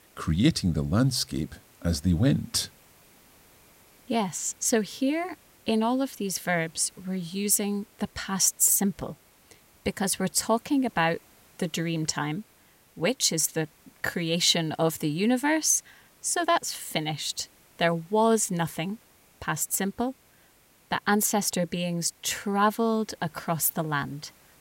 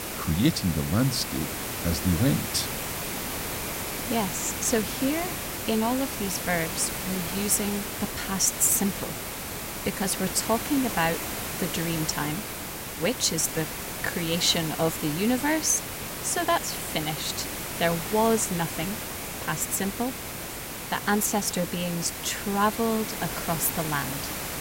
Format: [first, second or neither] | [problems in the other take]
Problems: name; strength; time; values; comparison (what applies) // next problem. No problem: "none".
first | hiss; loud; throughout; 5 dB below the speech; faint in the first